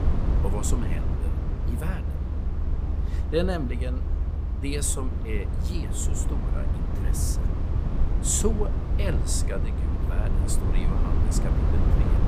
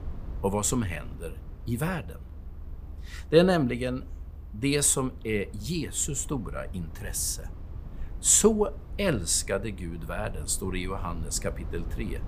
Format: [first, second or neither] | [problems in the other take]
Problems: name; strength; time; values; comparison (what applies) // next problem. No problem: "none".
second | low rumble; loud; throughout; 5 dB below the speech; faint in the second